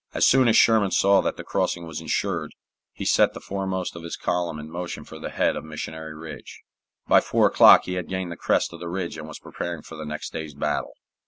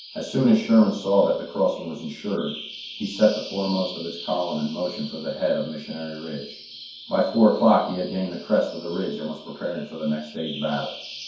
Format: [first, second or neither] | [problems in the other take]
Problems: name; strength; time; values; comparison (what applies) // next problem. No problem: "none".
first | background sound (Bird vocalization, bird call, bird song); 16 dB below the speech // room echo; dies away in 0.6 s